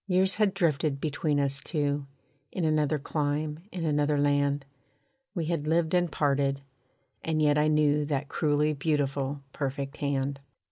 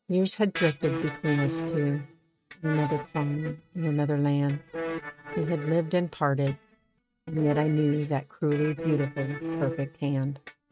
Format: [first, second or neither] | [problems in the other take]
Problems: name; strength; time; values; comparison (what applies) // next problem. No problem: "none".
first | noise reduction (neural mask model RNNoise)